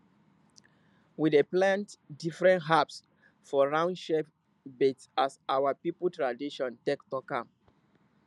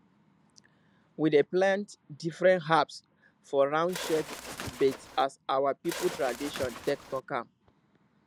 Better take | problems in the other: first | background sound (Bird); 10 dB below the speech

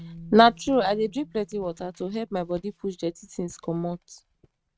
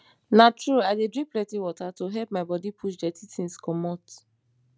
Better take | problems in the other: second | noise reduction (neural mask model RNNoise)

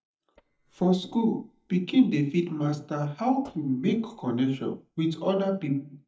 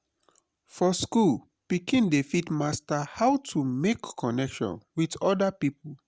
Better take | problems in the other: second | noise reduction (neural mask model DeepFilterNet 3)

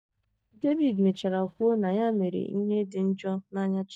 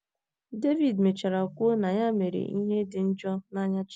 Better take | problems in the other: second | noise reduction (neural mask model DeepFilterNet 3)

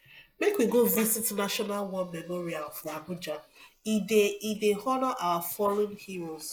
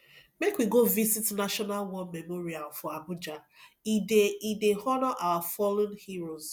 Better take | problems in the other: second | noise reduction (neural mask model Resemble Enhance denoiser)

